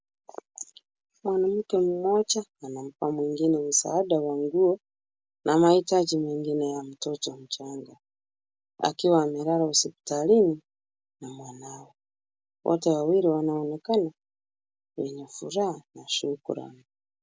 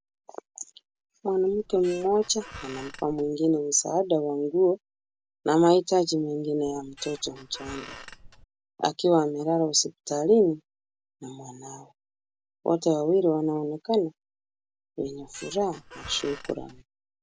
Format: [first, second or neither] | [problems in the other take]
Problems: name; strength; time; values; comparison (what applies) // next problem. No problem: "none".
first | background sound (Squeak); 17 dB below the speech